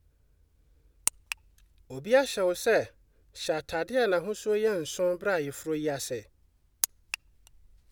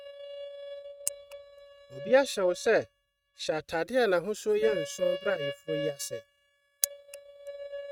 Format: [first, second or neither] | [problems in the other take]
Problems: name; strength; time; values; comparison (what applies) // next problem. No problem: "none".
first | noise reduction (neural mask model RNNoise)